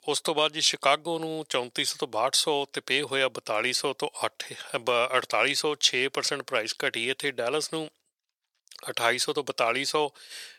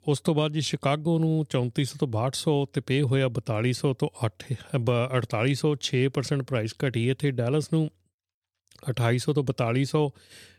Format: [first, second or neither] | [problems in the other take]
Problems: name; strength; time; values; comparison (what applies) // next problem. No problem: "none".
second | thin; very; fading below 700 Hz